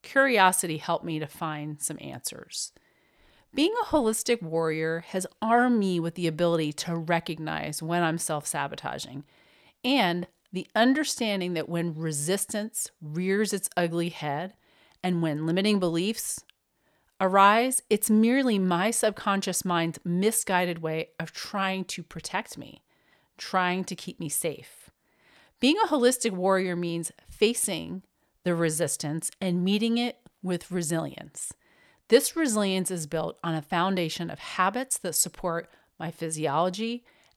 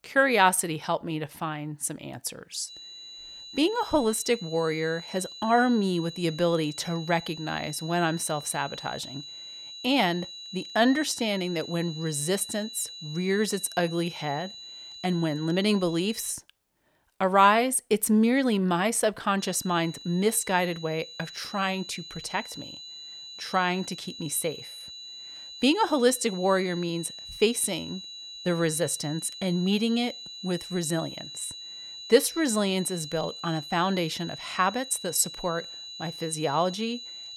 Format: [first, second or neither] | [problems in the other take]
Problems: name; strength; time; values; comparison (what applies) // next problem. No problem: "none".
first | high-pitched whine; noticeable; from 2.5 to 16 s and from 19 s on; 4 kHz, 10 dB below the speech